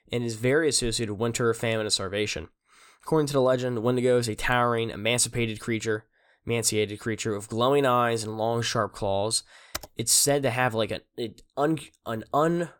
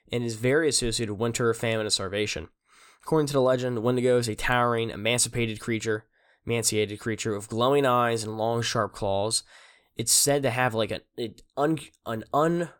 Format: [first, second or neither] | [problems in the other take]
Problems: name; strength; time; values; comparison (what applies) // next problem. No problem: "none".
second | keyboard typing; faint; at 9.5 s; peak 10 dB below the speech